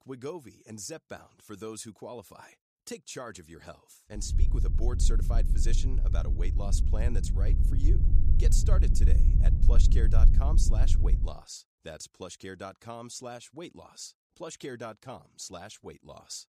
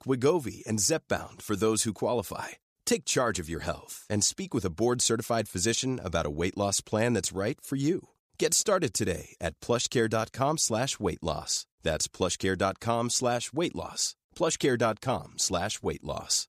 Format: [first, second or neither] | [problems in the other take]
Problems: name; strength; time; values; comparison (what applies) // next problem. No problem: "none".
second | low rumble; loud; from 4.5 to 11 s; 4 dB below the speech